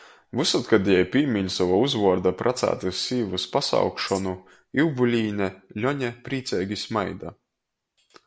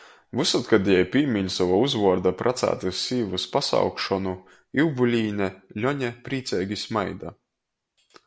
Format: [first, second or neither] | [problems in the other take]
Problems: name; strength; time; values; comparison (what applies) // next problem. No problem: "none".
second | background sound (Tambourine); 19 dB below the speech